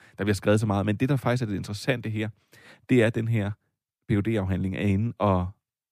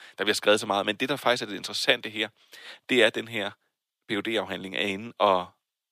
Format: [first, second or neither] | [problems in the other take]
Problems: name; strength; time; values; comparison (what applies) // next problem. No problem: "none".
first | thin; very; fading below 500 Hz